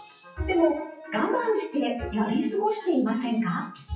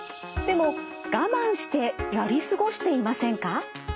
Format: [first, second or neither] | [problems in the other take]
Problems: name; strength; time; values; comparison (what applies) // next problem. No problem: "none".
second | noise reduction (classical method WPE with log-MMSE)